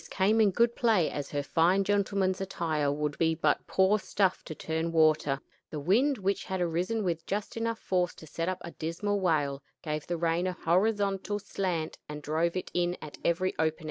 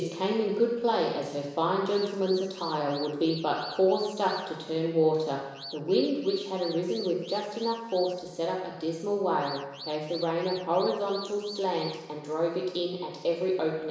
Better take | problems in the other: first | background sound (Alarm / Car); 15 dB below the speech // room echo; dies away in 1 s

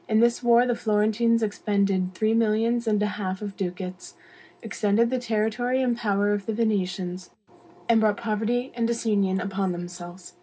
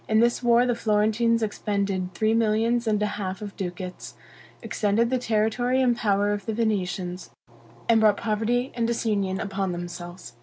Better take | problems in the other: second | room echo; dies away in 0.3 s

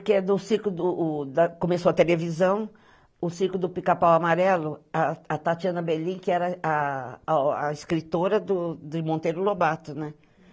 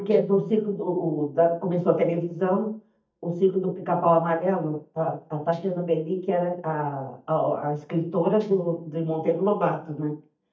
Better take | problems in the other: first | noise reduction (neural mask model DeepFilterNet 3)

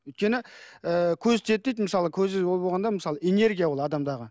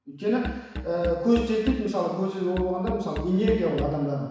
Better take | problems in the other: first | background sound (Musical instrument); 11 dB below the speech // room echo; dies away in 1.1 s

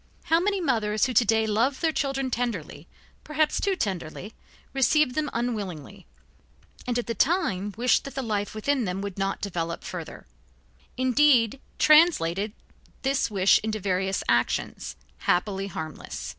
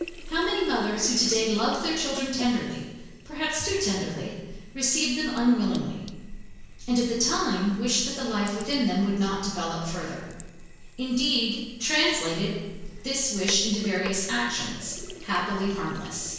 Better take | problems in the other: first | background sound (Sink (filling or washing)); 14 dB below the speech // room echo; dies away in 1 s

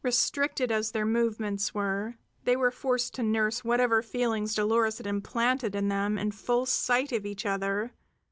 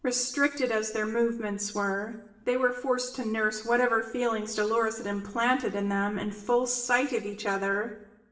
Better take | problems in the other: first | room echo; dies away in 0.8 s

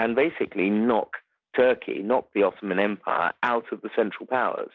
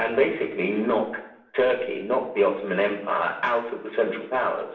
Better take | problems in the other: first | room echo; dies away in 0.7 s

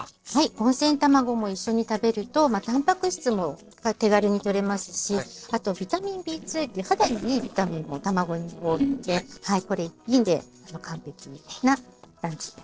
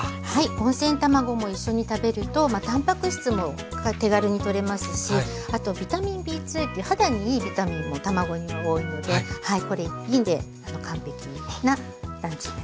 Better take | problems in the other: second | noise reduction (neural separator model SepFormer DNS4)

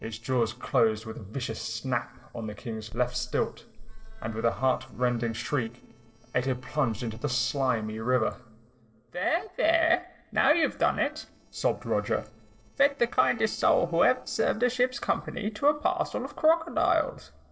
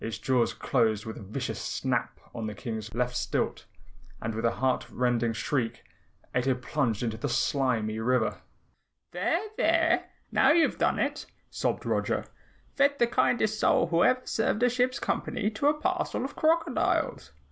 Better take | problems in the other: second | noise reduction (neural separator model SepFormer DNS4)

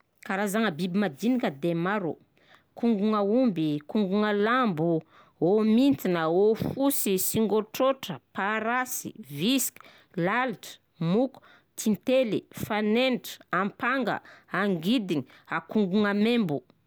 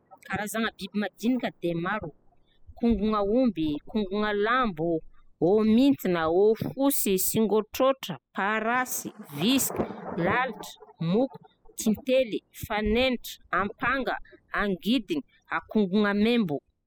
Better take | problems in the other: first | noise reduction (classical method spectral subtraction)

